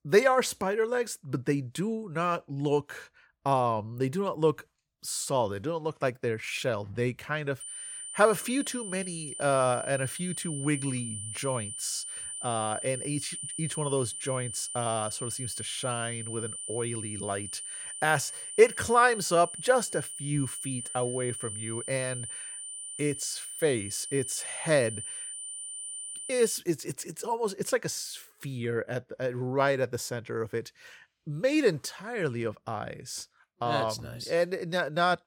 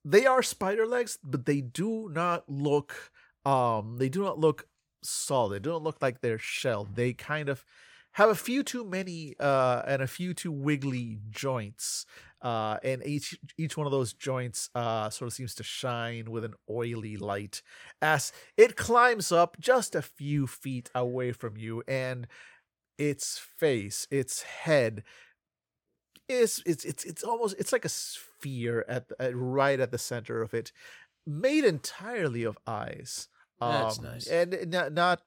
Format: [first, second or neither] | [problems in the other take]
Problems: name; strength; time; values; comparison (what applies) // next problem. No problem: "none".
second | high-pitched whine; loud; from 7.5 to 27 s; 9 kHz, 6 dB below the speech